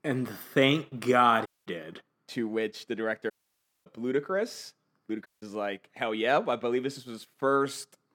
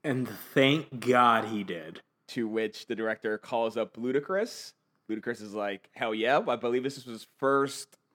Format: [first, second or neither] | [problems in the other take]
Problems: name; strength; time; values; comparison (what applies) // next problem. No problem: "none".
second | audio cutting out; at 1.5 s, at 3.5 s for 0.5 s and at 5.5 s